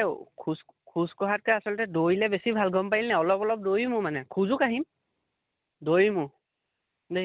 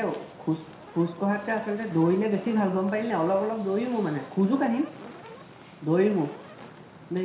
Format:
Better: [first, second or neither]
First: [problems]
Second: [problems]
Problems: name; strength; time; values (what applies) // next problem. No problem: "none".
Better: first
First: none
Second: background sound (Fire); 18 dB below the speech // room echo; dies away in 0.7 s